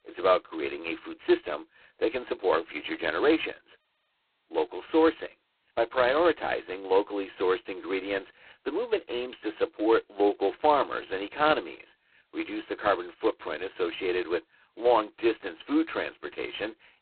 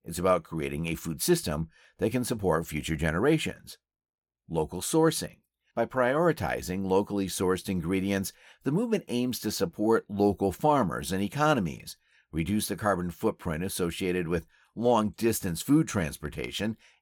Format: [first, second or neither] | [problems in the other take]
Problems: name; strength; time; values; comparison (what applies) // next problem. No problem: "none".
second | phone-call audio; poor line; nothing above 4 kHz